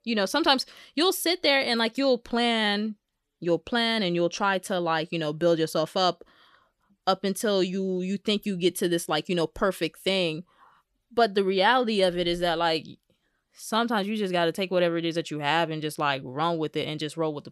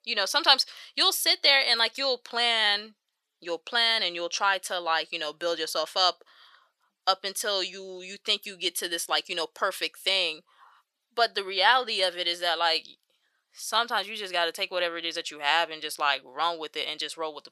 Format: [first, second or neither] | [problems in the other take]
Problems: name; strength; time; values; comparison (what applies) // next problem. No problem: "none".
first | thin; very; fading below 800 Hz